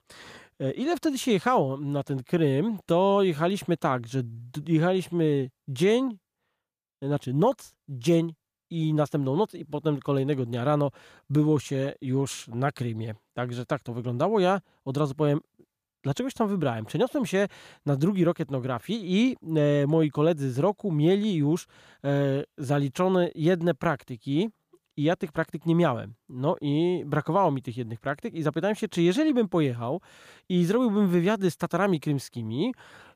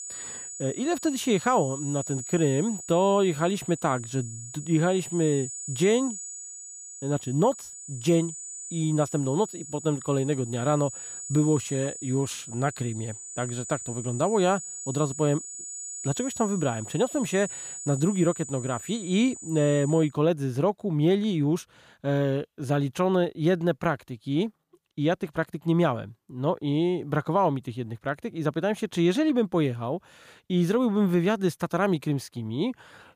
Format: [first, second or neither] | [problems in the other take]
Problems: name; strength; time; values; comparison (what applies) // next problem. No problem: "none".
first | high-pitched whine; loud; until 20 s; 7 kHz, 10 dB below the speech